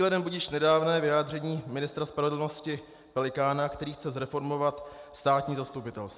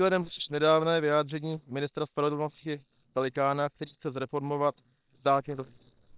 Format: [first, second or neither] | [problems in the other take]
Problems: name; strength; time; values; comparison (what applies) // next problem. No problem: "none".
first | noise reduction (neural separator model SepFormer WHAM!)